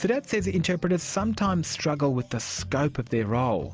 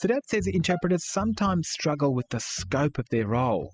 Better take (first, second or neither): first